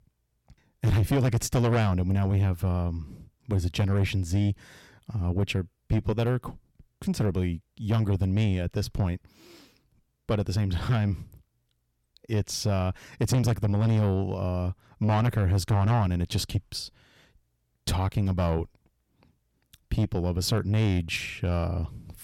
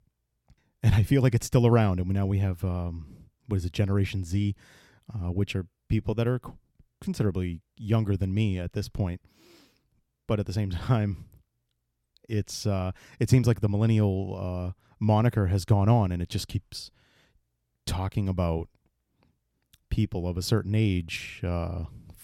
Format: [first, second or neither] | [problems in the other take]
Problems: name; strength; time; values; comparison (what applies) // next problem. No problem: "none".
second | distortion; heavy; 7 dB below the speech